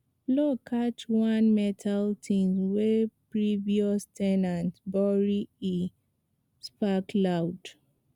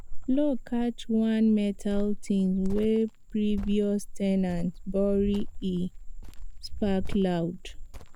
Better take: first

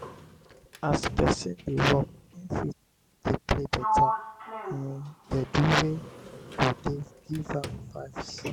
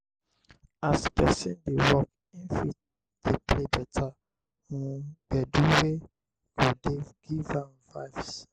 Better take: second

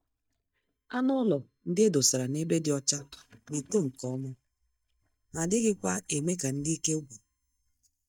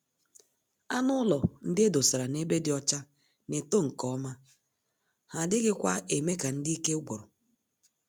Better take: second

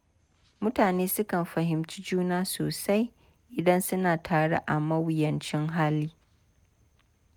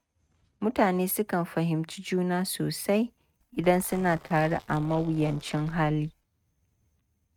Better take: first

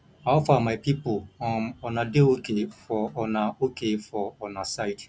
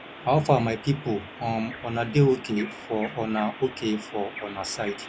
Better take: first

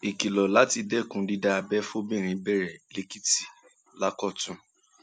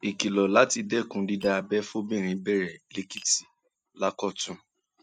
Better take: first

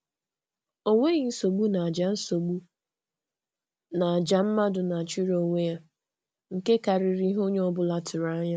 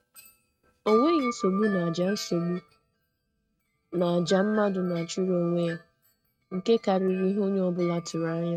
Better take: first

